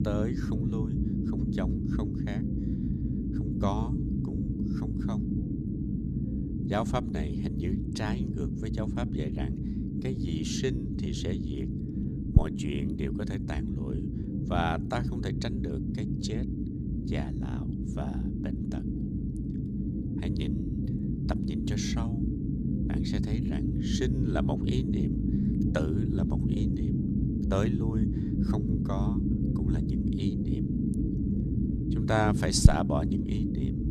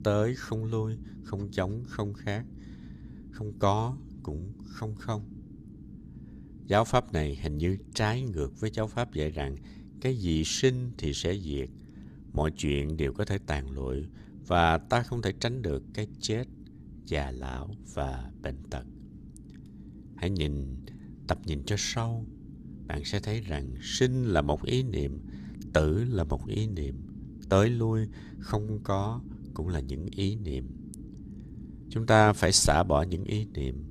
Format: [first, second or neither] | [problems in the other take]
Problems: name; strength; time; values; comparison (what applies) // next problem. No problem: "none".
second | low rumble; loud; throughout; 1 dB below the speech; faint in the second